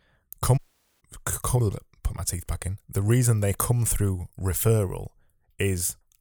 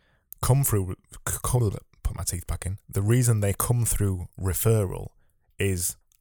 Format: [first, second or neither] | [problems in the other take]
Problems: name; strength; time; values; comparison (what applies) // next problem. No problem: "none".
second | audio cutting out; at 0.5 s